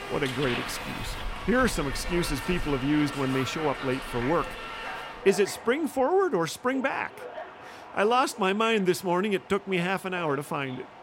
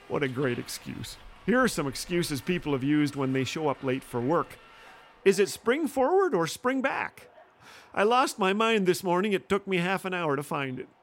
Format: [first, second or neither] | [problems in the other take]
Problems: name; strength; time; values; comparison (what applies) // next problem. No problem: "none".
second | train or aircraft noise; loud; throughout; 10 dB below the speech; faint in the second